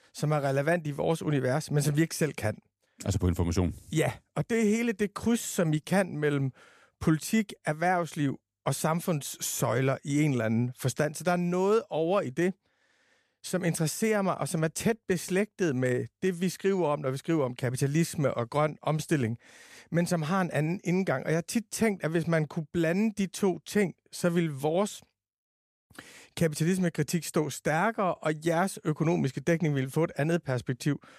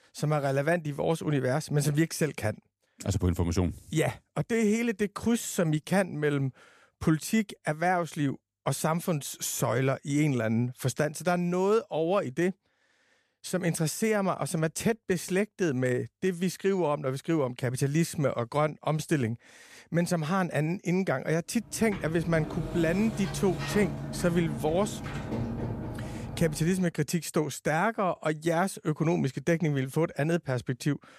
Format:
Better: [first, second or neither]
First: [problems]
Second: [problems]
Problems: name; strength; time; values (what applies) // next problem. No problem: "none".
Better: first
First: none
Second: door banging; noticeable; from 22 to 27 s; peak 4 dB below the speech